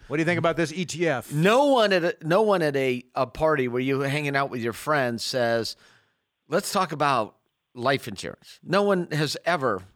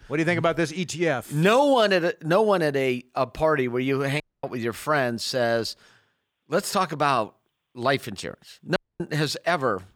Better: first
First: none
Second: audio cutting out; at 4 s and at 9 s

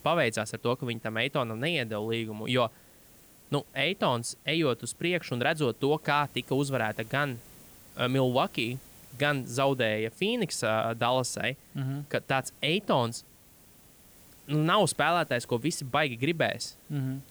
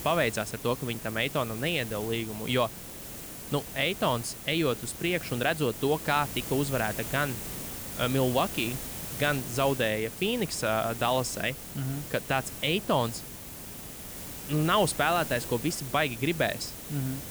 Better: first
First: hiss; faint; throughout; 25 dB below the speech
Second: hiss; loud; throughout; 9 dB below the speech

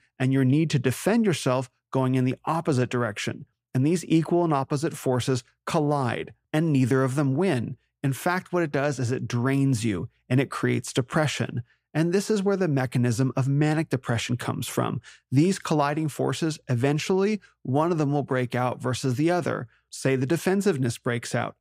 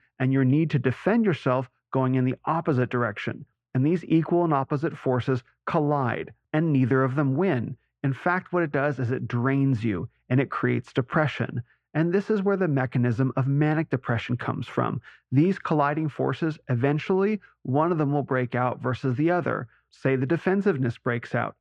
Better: first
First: none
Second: muffled; very; fading above 2 kHz

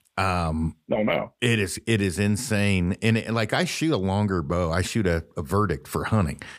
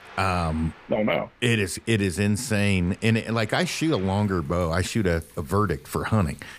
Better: first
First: none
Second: rain or running water; faint; throughout; 25 dB below the speech

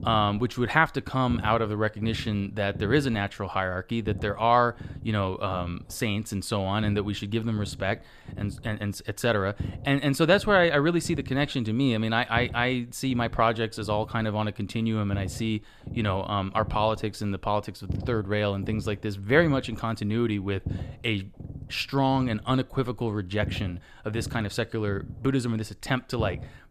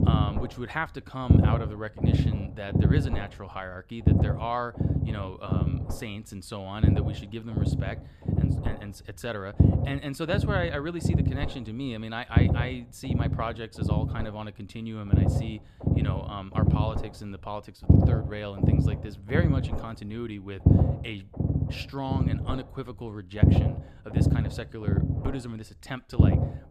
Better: first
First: low rumble; faint; throughout; 20 dB below the speech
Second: low rumble; loud; throughout; as loud as the speech

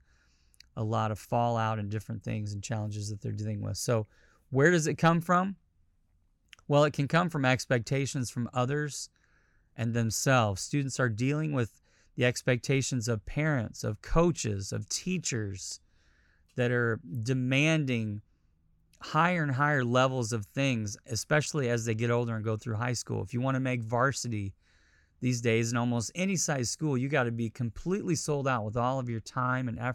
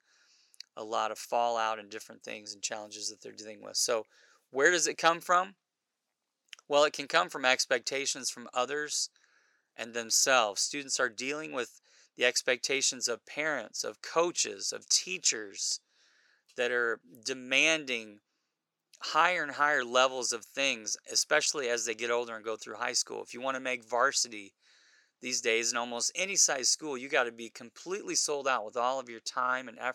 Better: first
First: none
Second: thin; very; fading below 400 Hz

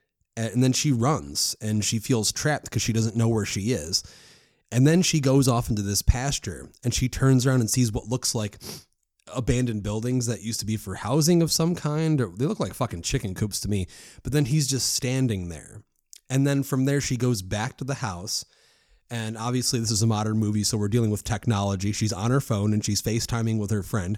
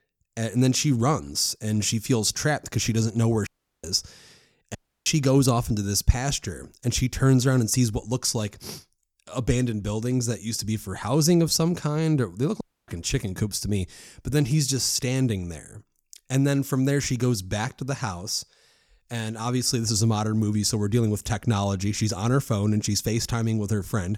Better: first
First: none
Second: audio cutting out; at 3.5 s, at 5 s and at 13 s

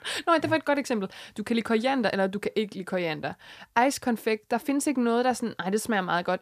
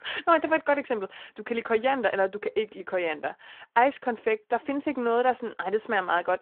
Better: first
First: none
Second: phone-call audio

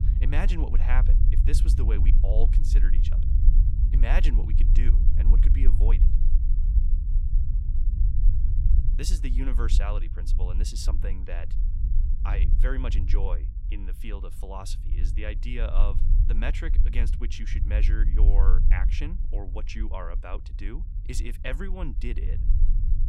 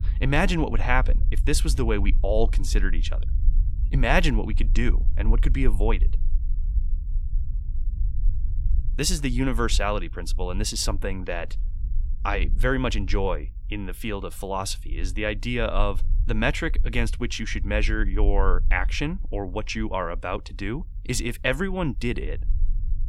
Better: second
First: low rumble; loud; throughout; 8 dB below the speech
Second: low rumble; faint; throughout; 25 dB below the speech

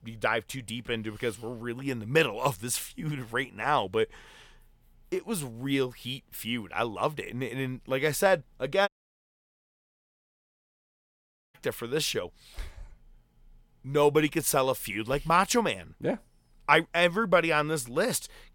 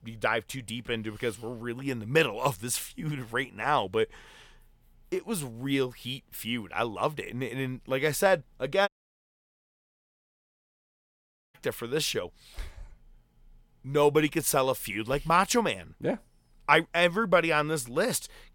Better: neither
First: audio cutting out; at 9 s for 2.5 s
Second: audio cutting out; at 9 s for 2.5 s

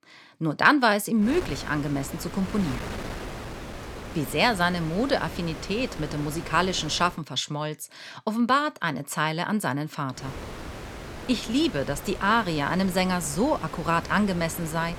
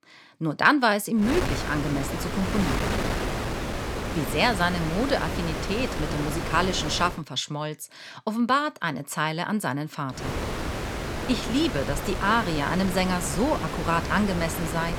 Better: first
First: wind noise on the microphone; occasional gusts; from 1.5 to 7 s and from 10 s on; 15 dB below the speech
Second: wind noise on the microphone; heavy; from 1.5 to 7 s and from 10 s on; 6 dB below the speech

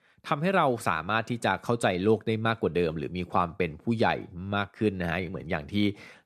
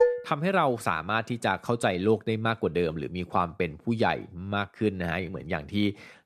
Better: first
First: none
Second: clattering dishes; loud; at the start; peak 3 dB above the speech

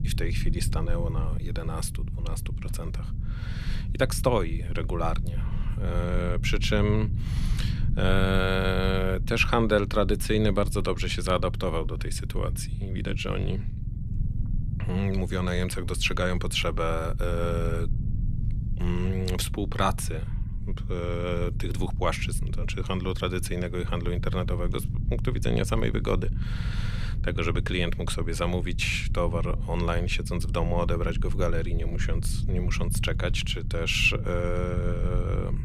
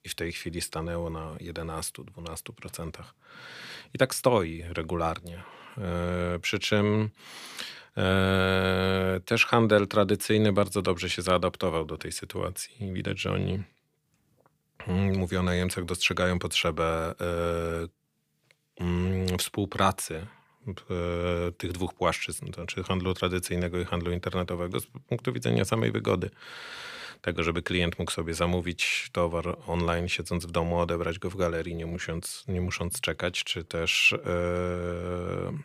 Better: second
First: low rumble; noticeable; throughout; 15 dB below the speech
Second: none

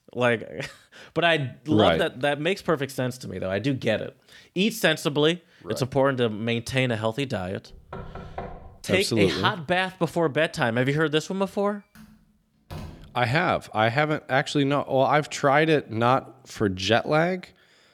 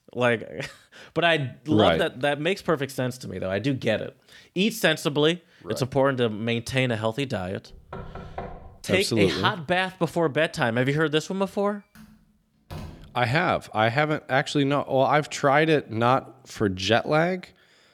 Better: neither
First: door banging; faint; from 7.5 to 9 s and from 12 to 13 s; peak 15 dB below the speech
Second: door banging; faint; from 7.5 to 9 s and from 12 to 13 s; peak 15 dB below the speech

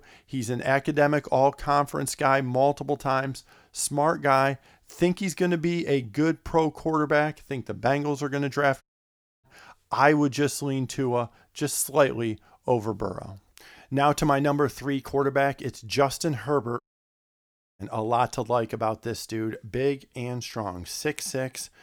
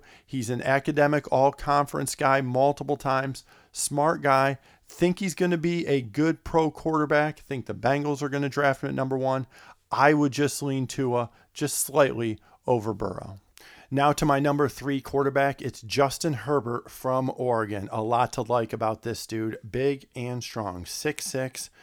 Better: second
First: audio cutting out; at 9 s for 0.5 s and at 17 s for 1 s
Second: none

